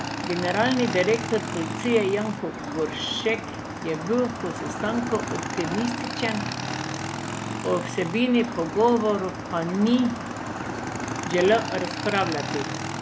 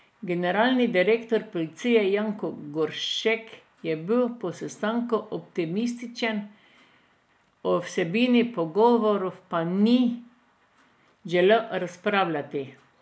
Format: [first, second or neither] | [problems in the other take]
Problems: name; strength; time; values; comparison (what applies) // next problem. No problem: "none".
second | background sound (Motorcycle / Engine); 5 dB below the speech